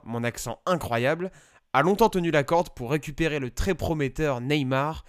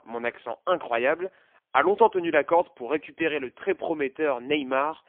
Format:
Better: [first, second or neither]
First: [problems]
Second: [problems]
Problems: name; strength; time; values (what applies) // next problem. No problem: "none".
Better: first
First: none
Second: phone-call audio; poor line; nothing above 3 kHz